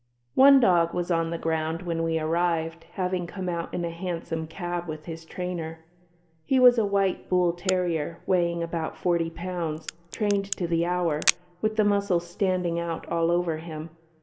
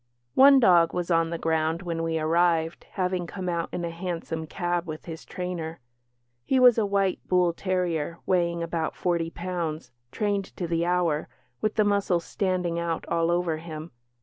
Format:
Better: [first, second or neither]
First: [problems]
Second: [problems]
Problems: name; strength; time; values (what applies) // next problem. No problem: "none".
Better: second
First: background sound (Crack); 10 dB below the speech // room echo; dies away in 1.6 s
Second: none